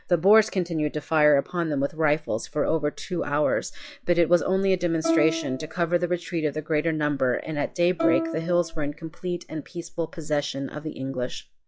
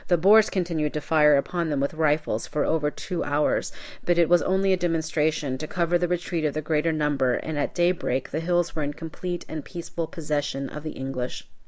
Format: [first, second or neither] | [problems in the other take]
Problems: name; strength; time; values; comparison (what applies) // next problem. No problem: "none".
second | noise reduction (classical method log-MMSE)